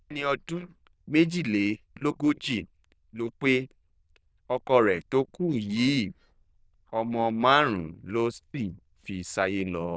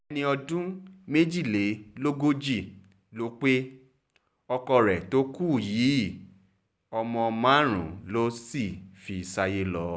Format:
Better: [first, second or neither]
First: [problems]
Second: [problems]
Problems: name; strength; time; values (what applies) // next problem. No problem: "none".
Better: second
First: noise reduction (neural diffusion model UNIVERSE++)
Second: none